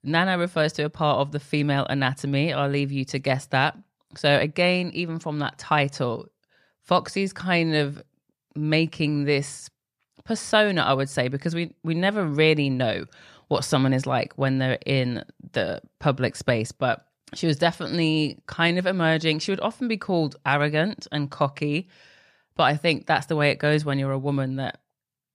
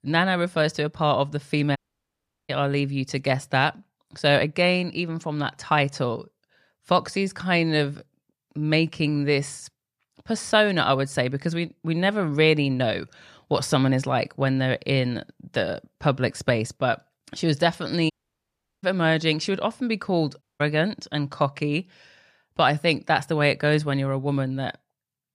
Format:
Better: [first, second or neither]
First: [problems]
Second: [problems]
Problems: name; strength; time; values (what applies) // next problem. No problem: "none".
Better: first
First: none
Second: audio cutting out; at 2 s for 0.5 s, at 18 s for 0.5 s and at 20 s